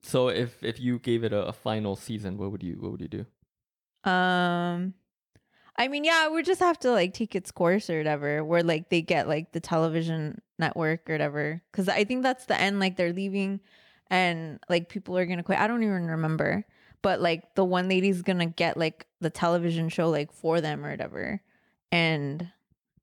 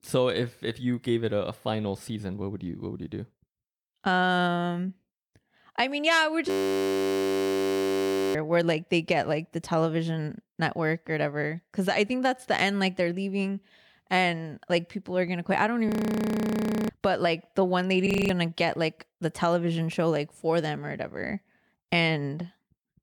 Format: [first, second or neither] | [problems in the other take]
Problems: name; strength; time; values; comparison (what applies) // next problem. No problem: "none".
first | audio freezing; at 6.5 s for 2 s, at 16 s for 1 s and at 18 s